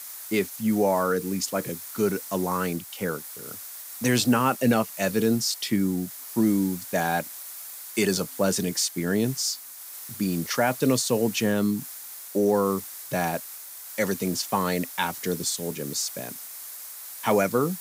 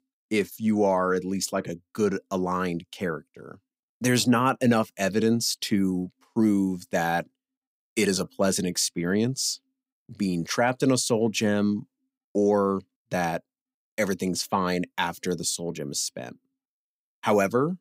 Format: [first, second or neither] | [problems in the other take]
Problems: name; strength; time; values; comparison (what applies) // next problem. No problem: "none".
second | hiss; noticeable; throughout; 10 dB below the speech